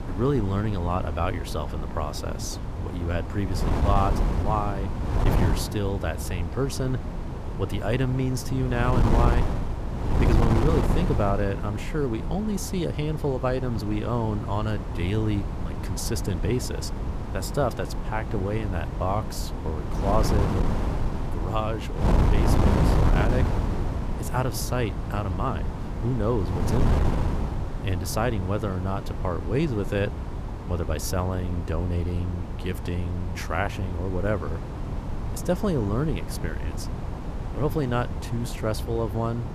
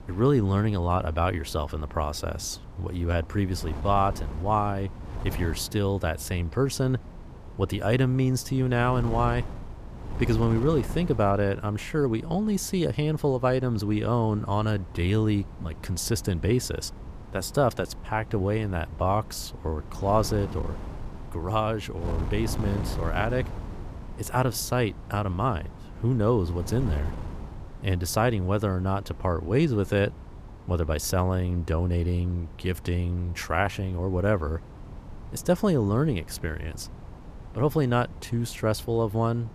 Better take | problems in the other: second | wind noise on the microphone; heavy; 5 dB below the speech; occasional gusts in the second

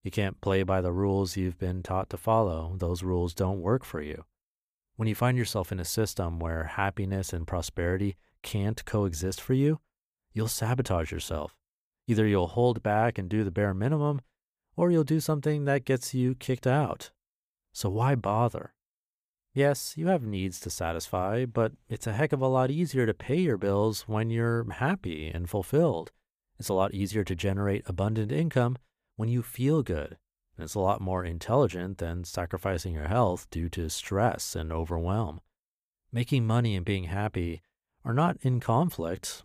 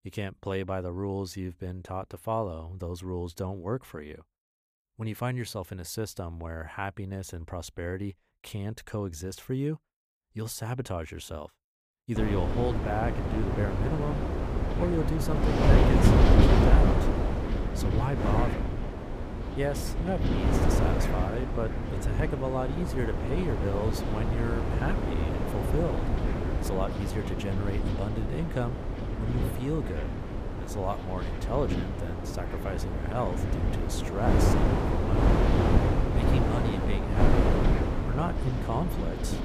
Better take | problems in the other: first | wind noise on the microphone; heavy; from 12 s on; 2 dB above the speech

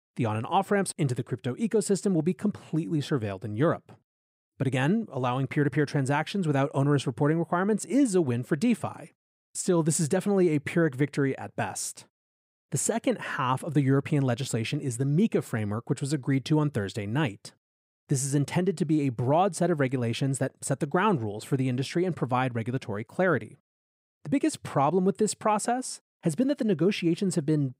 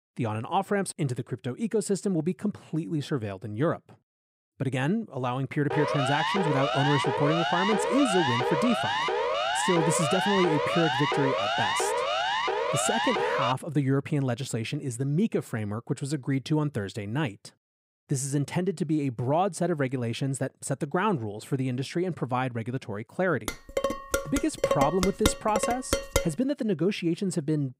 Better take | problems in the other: first | siren; loud; from 5.5 to 14 s; peak 3 dB above the speech // clattering dishes; loud; from 23 to 26 s; peak 2 dB above the speech

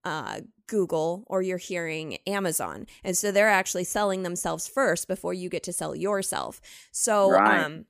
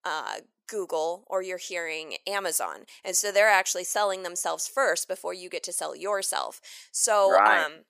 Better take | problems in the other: first | thin; very; fading below 650 Hz

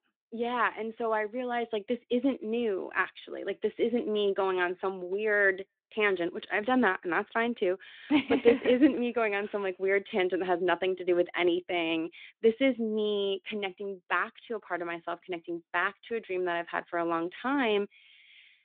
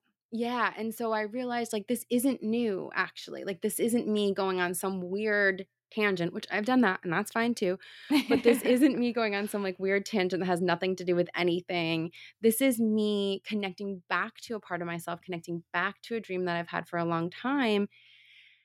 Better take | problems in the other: second | phone-call audio

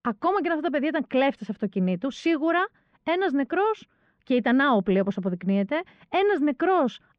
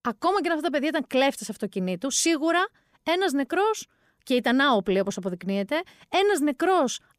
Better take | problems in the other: second | muffled; very; fading above 2.5 kHz

